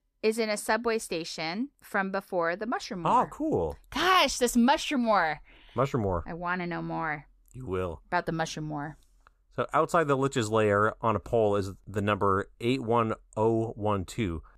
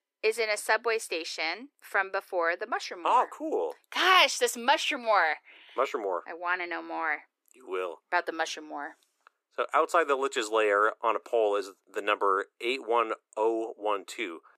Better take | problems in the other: first | thin; very; fading below 350 Hz

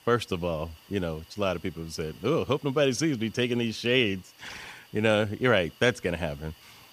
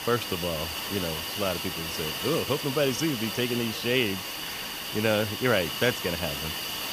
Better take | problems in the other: first | hiss; loud; throughout; 3 dB below the speech; faint in the first

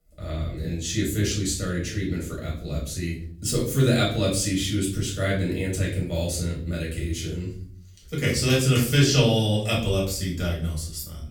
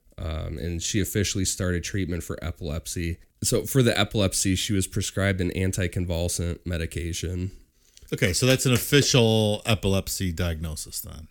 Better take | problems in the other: second | room echo; noticeable; dies away in 0.5 s // off-mic speech; far

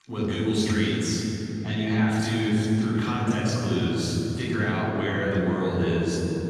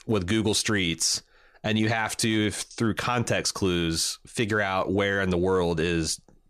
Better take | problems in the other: second | room echo; strong; dies away in 3 s // off-mic speech; far

